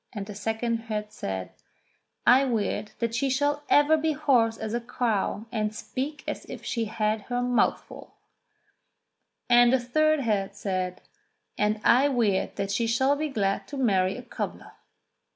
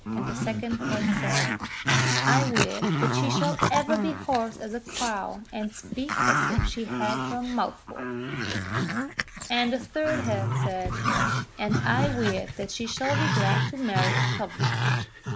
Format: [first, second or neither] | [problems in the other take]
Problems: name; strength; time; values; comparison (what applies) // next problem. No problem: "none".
first | background sound (Growling); 3 dB above the speech